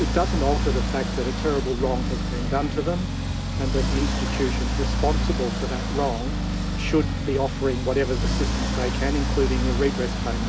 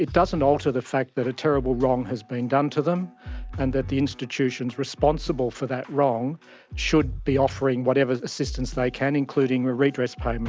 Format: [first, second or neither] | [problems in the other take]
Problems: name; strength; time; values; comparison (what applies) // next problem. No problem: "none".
second | background sound (Accelerating, revving, vroom); 2 dB above the speech // room echo; dies away in 0.3 s